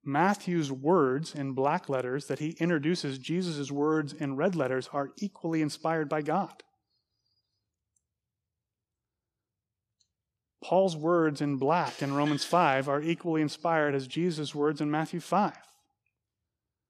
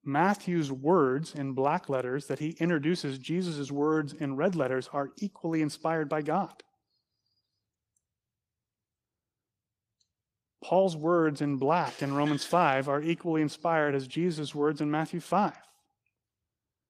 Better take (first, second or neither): first